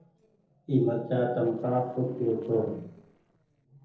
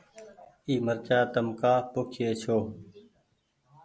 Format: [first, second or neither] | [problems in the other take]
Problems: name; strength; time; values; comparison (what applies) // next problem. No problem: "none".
second | noise reduction (neural separator model SepFormer DNS4)